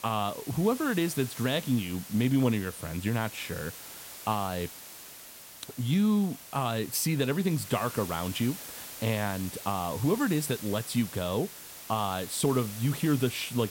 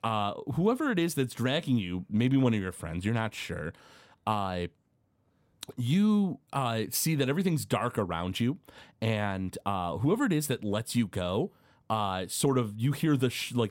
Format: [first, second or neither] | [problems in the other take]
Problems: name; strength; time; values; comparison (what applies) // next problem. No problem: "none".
second | hiss; noticeable; throughout; 10 dB below the speech